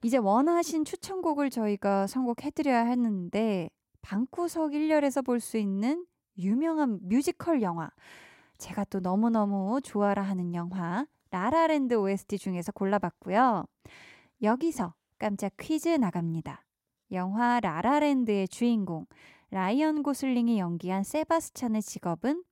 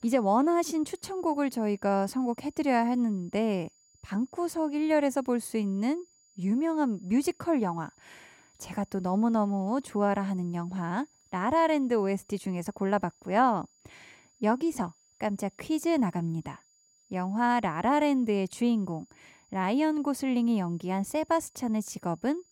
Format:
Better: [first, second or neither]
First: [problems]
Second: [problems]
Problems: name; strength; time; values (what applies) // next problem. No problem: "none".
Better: first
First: none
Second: high-pitched whine; faint; throughout; 7 kHz, 35 dB below the speech